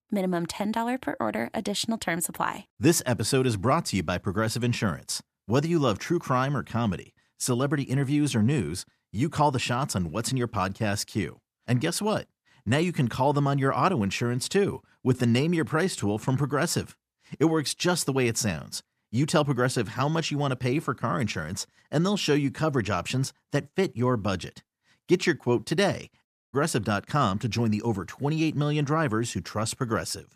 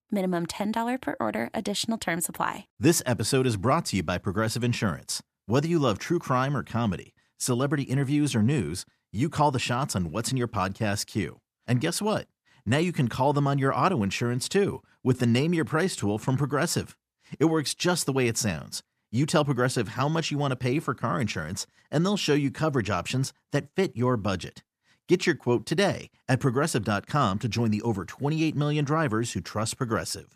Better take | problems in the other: second | audio cutting out; at 26 s

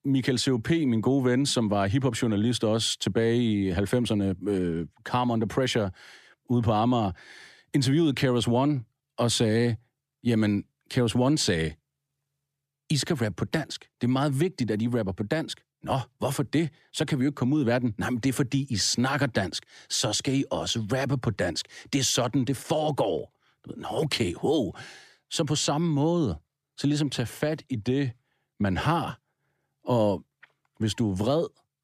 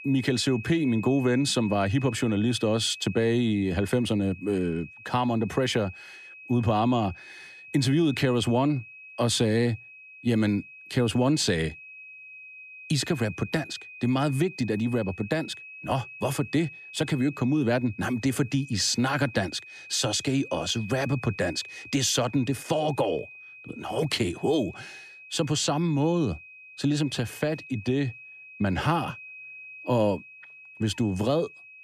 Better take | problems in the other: first | high-pitched whine; noticeable; throughout; 2.5 kHz, 15 dB below the speech

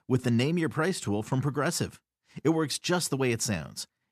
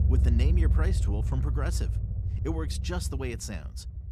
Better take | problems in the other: first | low rumble; loud; throughout; 6 dB below the speech

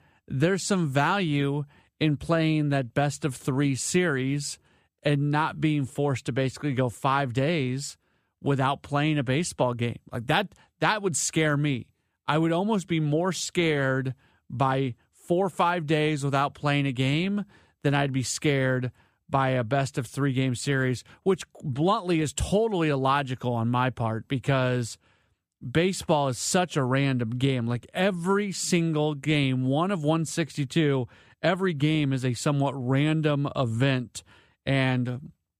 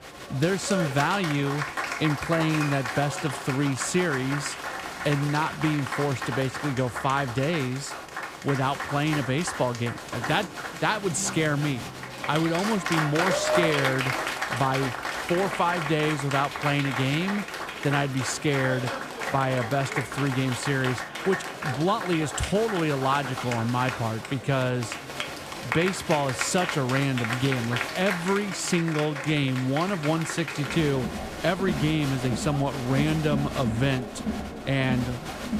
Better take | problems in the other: first | crowd noise; loud; throughout; 5 dB below the speech

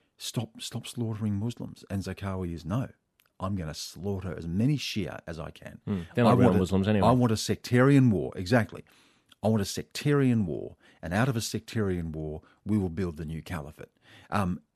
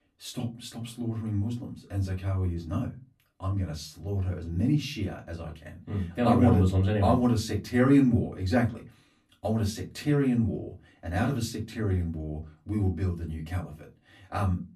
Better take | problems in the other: first | off-mic speech; far // room echo; very slight; dies away in 0.2 s

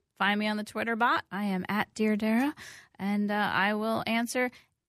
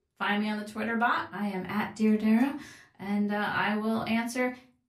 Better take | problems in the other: first | off-mic speech; far // room echo; very slight; dies away in 0.3 s

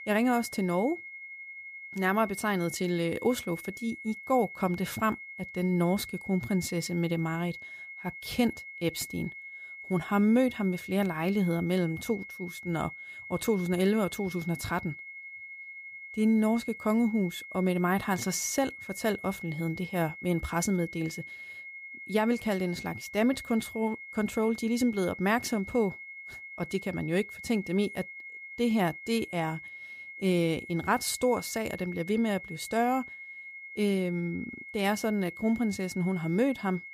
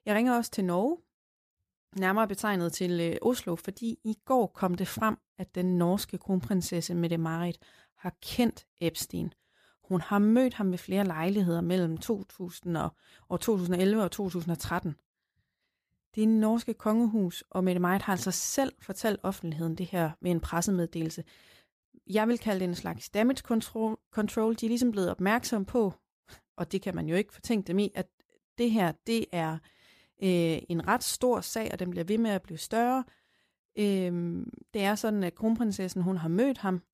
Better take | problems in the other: second | high-pitched whine; noticeable; throughout; 2 kHz, 10 dB below the speech

